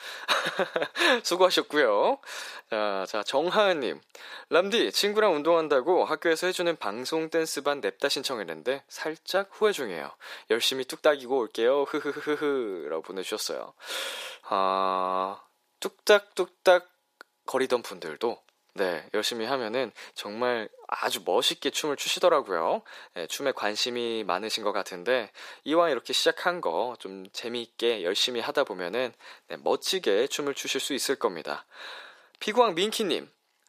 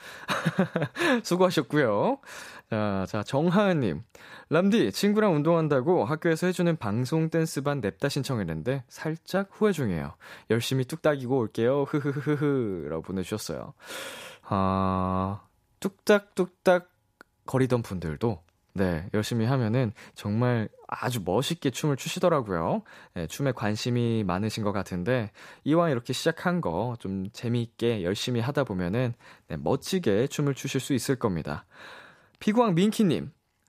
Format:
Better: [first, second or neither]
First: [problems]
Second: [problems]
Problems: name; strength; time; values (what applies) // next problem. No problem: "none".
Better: second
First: thin; very; fading below 400 Hz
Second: none